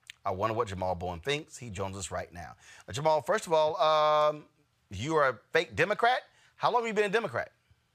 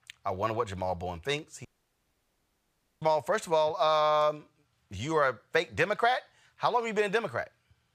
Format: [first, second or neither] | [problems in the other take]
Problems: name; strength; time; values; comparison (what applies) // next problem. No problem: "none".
first | audio cutting out; at 1.5 s for 1.5 s